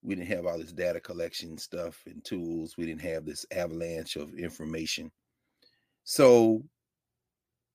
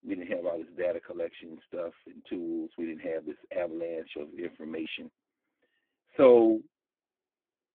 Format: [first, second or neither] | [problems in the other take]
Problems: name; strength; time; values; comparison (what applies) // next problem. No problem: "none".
first | phone-call audio; poor line